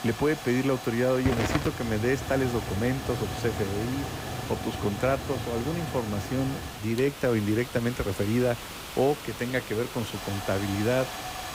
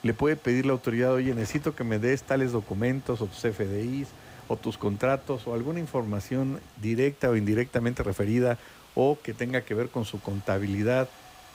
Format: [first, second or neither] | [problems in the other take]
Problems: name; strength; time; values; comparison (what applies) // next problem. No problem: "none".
second | hiss; loud; throughout; 6 dB below the speech; faint in the second